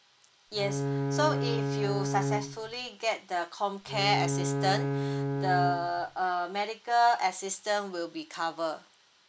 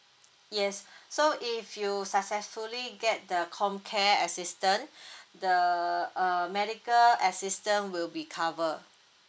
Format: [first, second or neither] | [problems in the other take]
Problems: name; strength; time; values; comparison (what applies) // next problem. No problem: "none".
second | background sound (Bowed string instrument); as loud as the speech